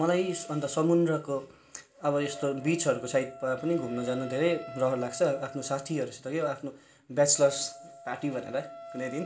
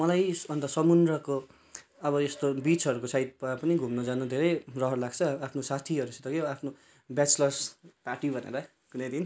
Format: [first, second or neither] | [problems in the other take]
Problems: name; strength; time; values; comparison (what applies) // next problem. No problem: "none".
second | background sound (Wind instrument, woodwind instrument); 17 dB below the speech // room echo; dies away in 0.4 s